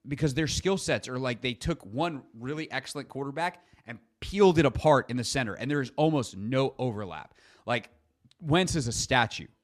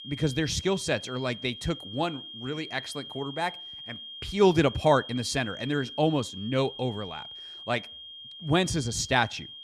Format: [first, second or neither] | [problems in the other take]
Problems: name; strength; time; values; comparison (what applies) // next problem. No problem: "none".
first | high-pitched whine; noticeable; throughout; 3 kHz, 10 dB below the speech